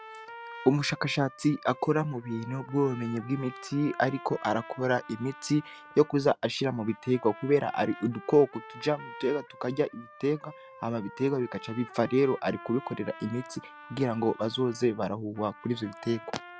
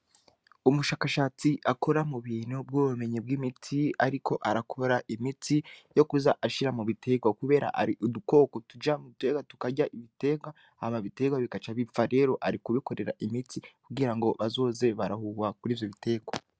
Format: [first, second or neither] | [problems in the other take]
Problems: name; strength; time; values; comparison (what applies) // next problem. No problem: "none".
second | background sound (Trumpet); 18 dB below the speech